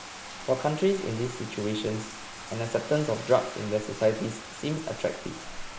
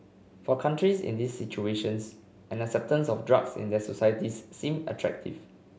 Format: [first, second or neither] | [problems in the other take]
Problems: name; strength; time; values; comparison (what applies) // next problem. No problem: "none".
second | background sound (Bathtub (filling or washing)); 12 dB below the speech